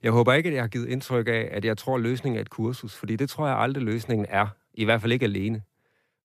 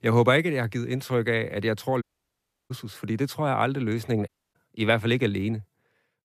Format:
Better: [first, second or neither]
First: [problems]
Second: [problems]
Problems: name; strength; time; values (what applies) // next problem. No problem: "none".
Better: first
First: none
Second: audio cutting out; at 2 s for 0.5 s and at 4.5 s